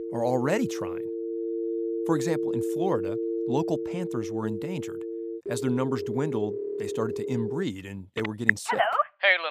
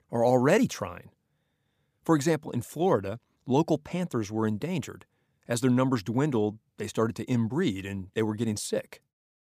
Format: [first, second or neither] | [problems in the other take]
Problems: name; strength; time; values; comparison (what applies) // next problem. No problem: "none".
second | alarms or sirens; very loud; throughout; 1 dB above the speech